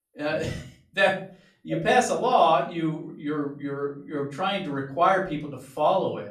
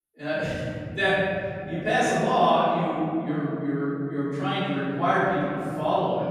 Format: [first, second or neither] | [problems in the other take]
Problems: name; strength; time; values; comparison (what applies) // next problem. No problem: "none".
first | room echo; strong; dies away in 3 s; slight in the first // off-mic speech; far; far in the first